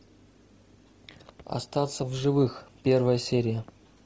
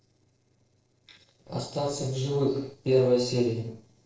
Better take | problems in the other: first | noise reduction (neural separator model SepFormer DNS4)

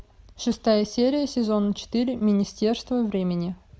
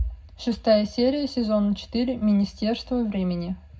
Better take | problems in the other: first | room echo; dies away in 0.3 s

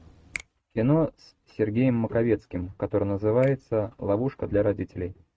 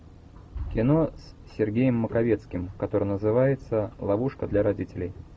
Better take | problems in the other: second | noise reduction (neural mask model RNNoise)

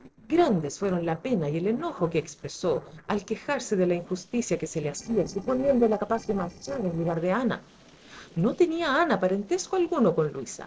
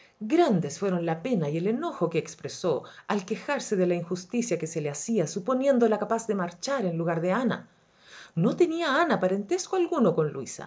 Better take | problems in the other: second | noise reduction (neural separator model SepFormer DNS4)

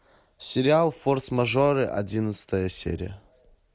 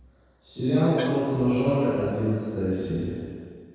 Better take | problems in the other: first | background sound (Gong); 17 dB below the speech // room echo; dies away in 2 s

